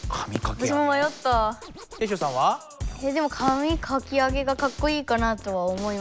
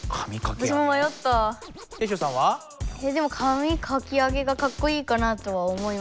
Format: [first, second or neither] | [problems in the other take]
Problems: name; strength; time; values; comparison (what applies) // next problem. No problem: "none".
second | background sound (Fireworks); 15 dB below the speech